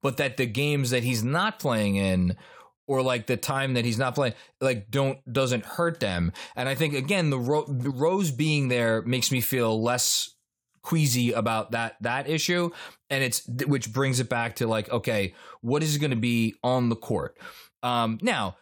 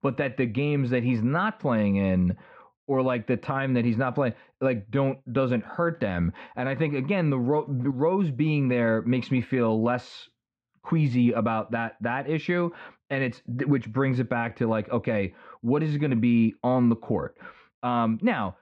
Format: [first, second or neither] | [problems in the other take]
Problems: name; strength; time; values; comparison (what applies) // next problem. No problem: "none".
first | muffled; very; fading above 2 kHz